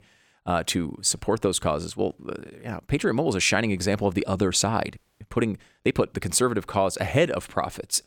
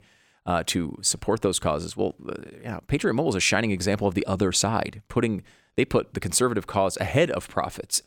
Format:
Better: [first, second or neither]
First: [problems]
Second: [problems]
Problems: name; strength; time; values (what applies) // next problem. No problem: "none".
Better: second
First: audio freezing; at 5 s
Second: none